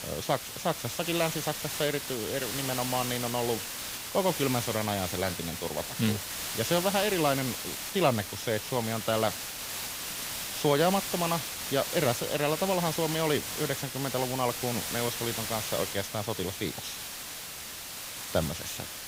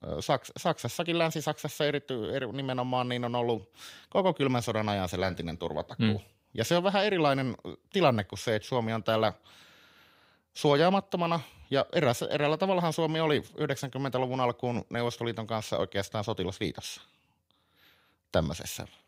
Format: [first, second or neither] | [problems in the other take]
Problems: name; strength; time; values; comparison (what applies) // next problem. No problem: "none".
second | hiss; loud; throughout; 4 dB below the speech